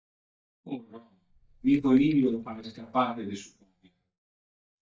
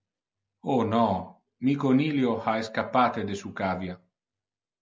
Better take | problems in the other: second | noise reduction (neural mask model DeepFilterNet 3)

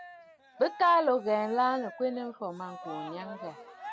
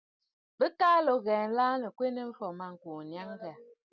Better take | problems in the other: second | background sound (Cheering); 15 dB below the speech

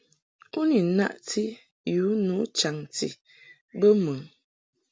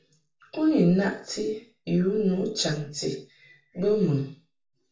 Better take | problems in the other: first | room echo; dies away in 0.4 s

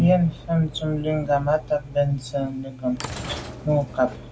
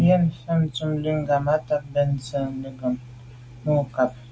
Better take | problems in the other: second | background sound (Sliding door / Train); 15 dB below the speech

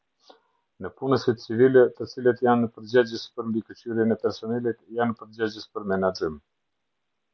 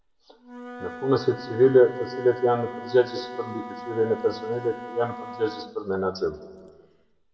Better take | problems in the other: first | background sound (Wind instrument, woodwind instrument); 14 dB below the speech // room echo; dies away in 1.3 s

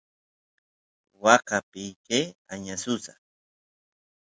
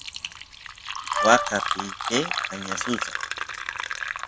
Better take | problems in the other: first | background sound (Fill (with liquid) + Wind instrument, woodwind instrument); 1 dB below the speech

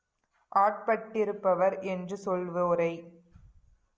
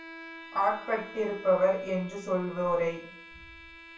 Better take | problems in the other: first | background sound (Bowed string instrument); 17 dB below the speech // room echo; dies away in 0.3 s

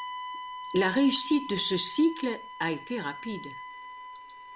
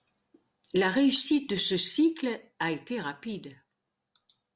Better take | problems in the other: second | background sound (Bowed string instrument); 11 dB below the speech

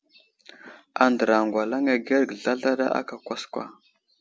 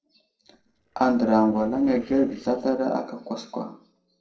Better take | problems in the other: first | noise reduction (neural separator model SepFormer DNS4)

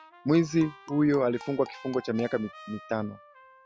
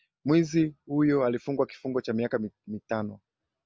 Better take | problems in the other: second | background sound (Trumpet + Marimba, xylophone); 20 dB below the speech

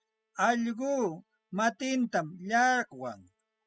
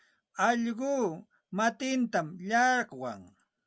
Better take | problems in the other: second | noise reduction (classical method spectral subtraction)

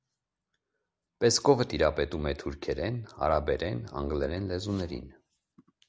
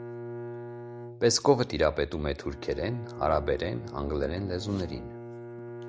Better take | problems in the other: first | background sound (Bowed string instrument); 12 dB below the speech

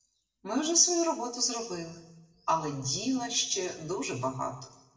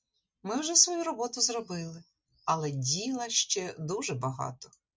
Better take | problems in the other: second | room echo; dies away in 0.8 s

